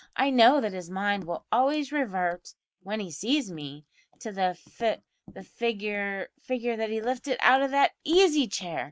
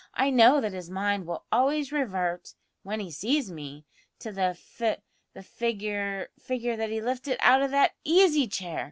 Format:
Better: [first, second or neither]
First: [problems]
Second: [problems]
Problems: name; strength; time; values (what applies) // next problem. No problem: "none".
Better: second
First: noise reduction (neural mask model Resemble Enhance denoiser)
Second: none